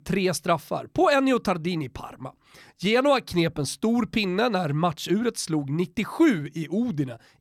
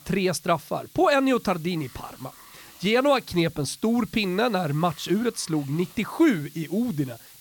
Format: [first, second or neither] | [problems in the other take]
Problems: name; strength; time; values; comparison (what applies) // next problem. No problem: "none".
first | hiss; faint; throughout; 20 dB below the speech